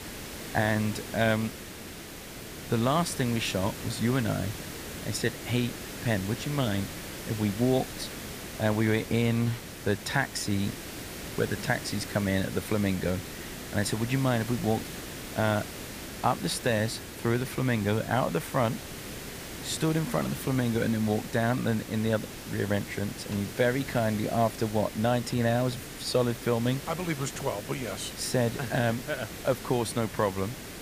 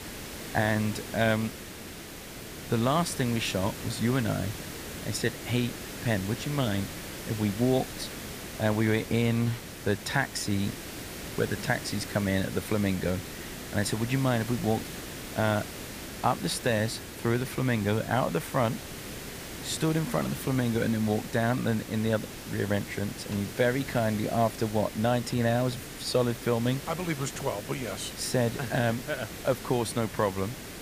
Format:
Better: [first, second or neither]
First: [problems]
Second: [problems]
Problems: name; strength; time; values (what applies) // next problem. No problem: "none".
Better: neither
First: hiss; loud; throughout; 10 dB below the speech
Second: hiss; loud; throughout; 10 dB below the speech